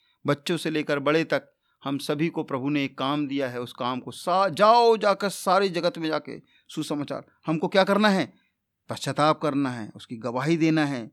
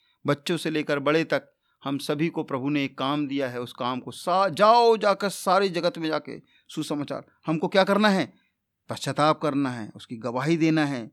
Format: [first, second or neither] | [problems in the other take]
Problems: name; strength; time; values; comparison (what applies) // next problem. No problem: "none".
neither | none